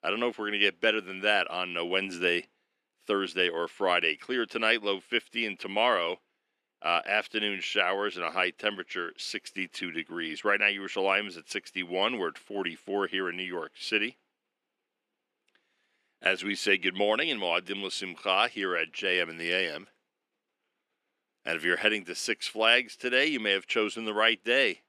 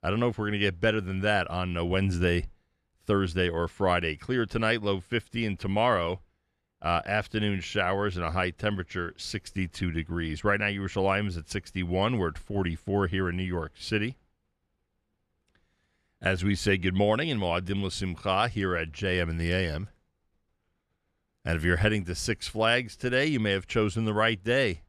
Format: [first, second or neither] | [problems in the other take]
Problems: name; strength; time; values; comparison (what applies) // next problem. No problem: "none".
second | thin; somewhat; fading below 250 Hz